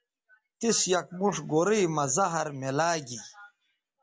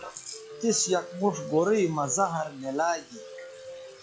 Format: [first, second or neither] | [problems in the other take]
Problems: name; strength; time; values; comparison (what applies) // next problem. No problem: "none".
first | noise reduction (classical method log-MMSE)